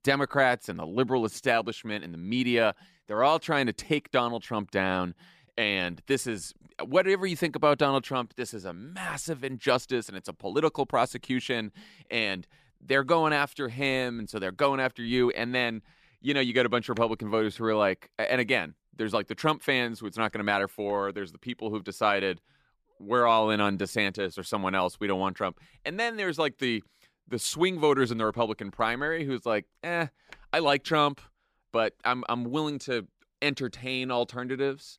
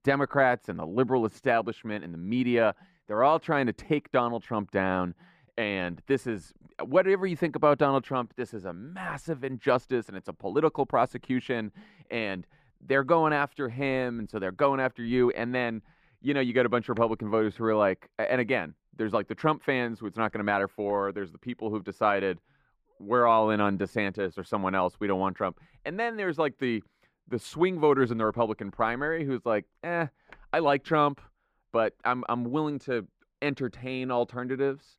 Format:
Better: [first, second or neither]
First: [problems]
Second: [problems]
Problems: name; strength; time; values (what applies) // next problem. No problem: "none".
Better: first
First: none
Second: muffled; slightly; fading above 3 kHz